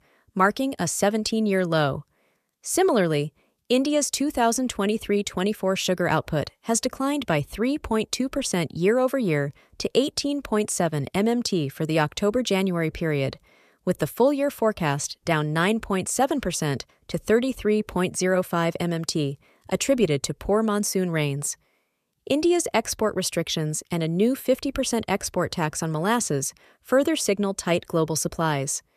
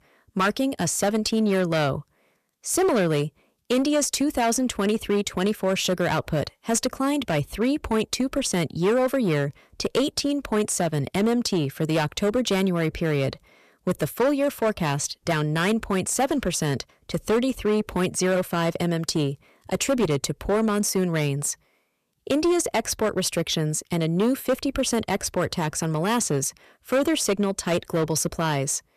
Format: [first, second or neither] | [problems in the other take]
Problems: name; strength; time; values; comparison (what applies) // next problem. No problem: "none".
first | distortion; slight; 8% of the sound clipped